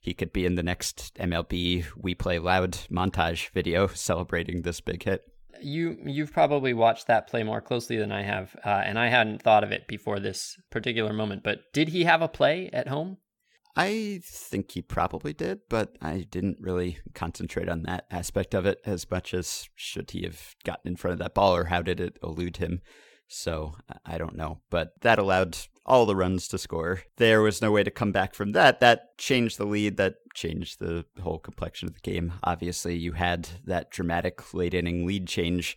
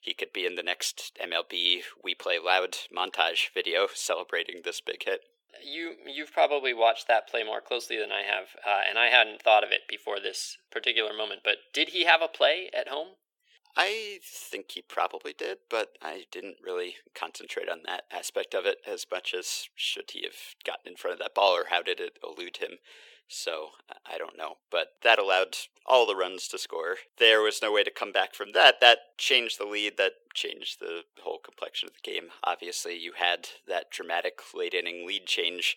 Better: first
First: none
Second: thin; very; fading below 400 Hz

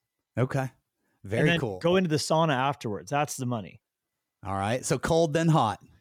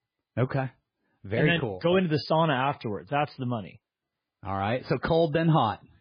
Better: first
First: none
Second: garbled, watery; badly; nothing above 5 kHz

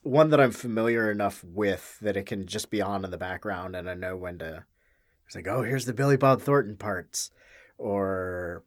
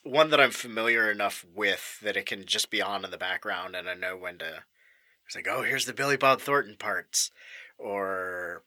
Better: first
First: none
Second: thin; somewhat; fading below 1 kHz

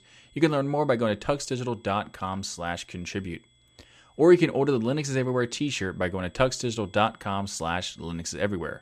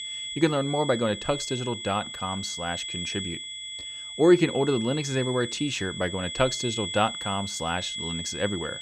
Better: first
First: high-pitched whine; faint; throughout; 3.5 kHz, 35 dB below the speech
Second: high-pitched whine; loud; throughout; 3.5 kHz, 6 dB below the speech

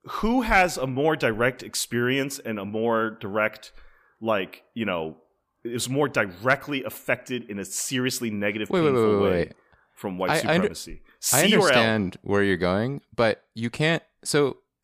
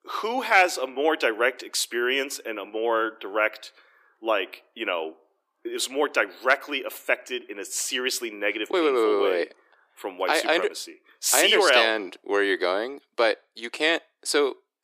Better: first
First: none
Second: thin; somewhat; fading below 300 Hz

